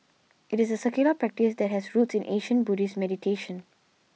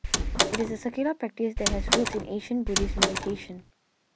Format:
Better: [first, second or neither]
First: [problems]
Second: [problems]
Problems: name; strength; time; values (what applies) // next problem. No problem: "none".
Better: first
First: none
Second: background sound (Door); 3 dB above the speech